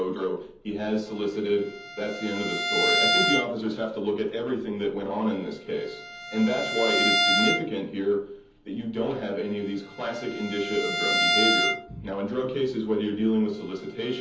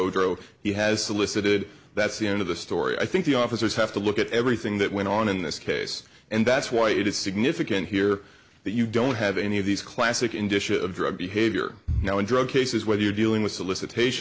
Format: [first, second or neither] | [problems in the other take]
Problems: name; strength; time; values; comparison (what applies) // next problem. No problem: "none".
second | background sound (Bowed string instrument); 1 dB below the speech // room echo; dies away in 0.7 s